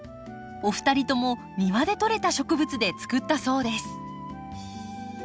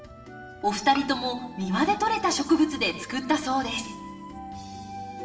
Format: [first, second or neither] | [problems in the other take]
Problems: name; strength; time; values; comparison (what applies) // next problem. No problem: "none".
first | background sound (Bowed string instrument); 18 dB below the speech // room echo; dies away in 1.2 s